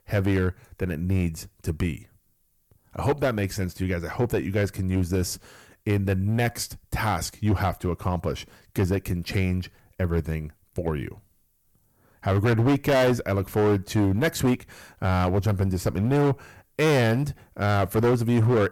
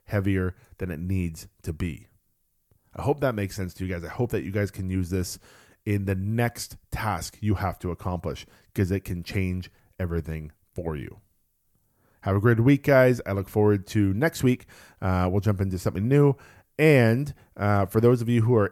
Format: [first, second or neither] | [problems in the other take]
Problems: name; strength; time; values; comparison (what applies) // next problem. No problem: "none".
second | distortion; heavy; 10% of the sound clipped